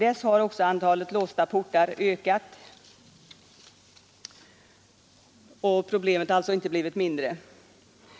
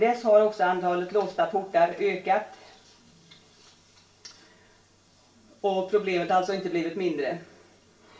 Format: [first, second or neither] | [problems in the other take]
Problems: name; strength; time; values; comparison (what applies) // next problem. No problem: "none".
first | room echo; dies away in 0.3 s